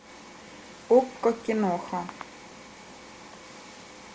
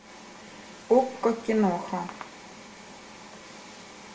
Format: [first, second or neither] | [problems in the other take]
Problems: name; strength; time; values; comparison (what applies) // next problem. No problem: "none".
first | room echo; dies away in 0.5 s